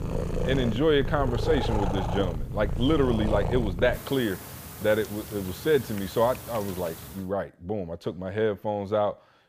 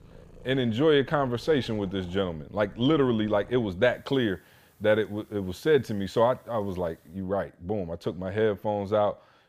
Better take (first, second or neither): second